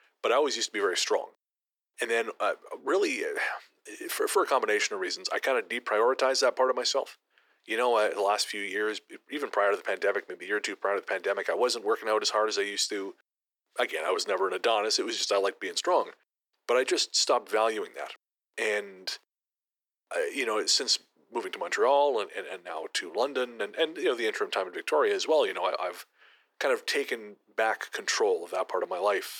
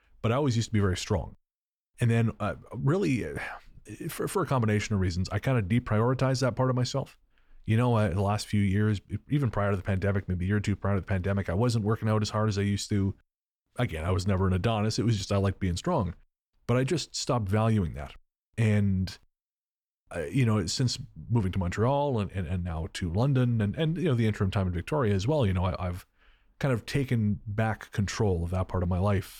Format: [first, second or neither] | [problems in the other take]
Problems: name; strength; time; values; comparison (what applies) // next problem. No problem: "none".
second | thin; very; fading below 350 Hz